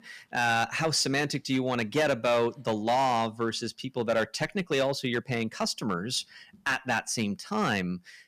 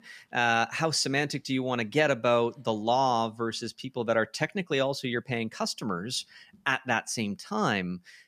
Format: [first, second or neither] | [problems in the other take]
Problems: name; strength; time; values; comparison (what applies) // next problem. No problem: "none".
second | distortion; slight; 4% of the sound clipped